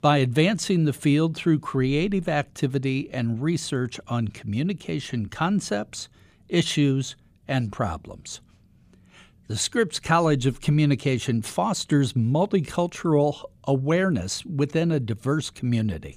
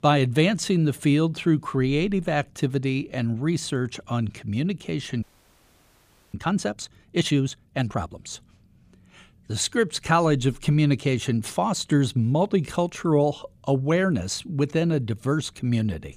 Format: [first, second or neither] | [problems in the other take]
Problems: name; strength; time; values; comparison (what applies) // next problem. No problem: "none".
first | audio freezing; at 5 s for 1 s